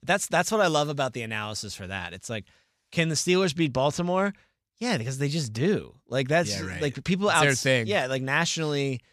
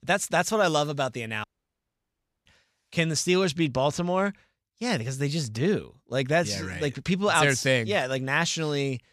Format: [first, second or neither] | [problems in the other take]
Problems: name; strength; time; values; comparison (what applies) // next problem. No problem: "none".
first | audio cutting out; at 1.5 s for 1 s